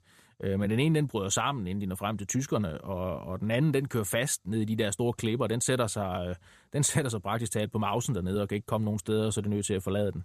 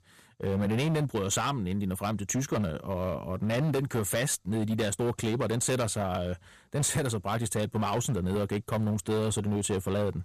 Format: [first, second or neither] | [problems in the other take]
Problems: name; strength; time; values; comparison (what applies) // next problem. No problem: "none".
first | distortion; slight; 15% of the sound clipped